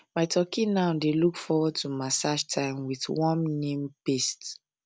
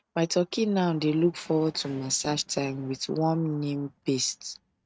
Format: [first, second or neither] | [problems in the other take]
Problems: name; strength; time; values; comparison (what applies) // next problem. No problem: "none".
first | noise reduction (neural mask model RNNoise)